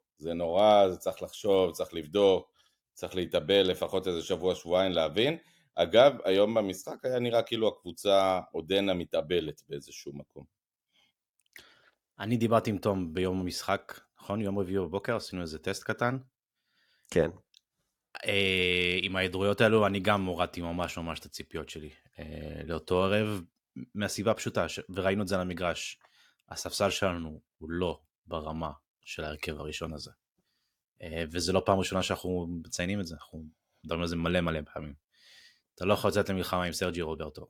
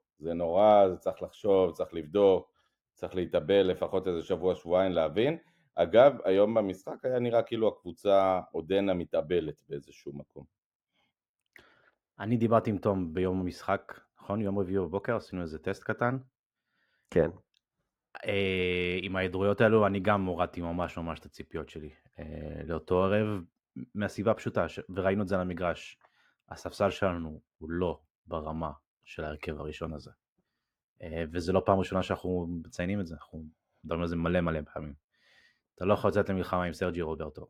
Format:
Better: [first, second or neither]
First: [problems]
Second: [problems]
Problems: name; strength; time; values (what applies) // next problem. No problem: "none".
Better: first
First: none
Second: muffled; slightly; fading above 2.5 kHz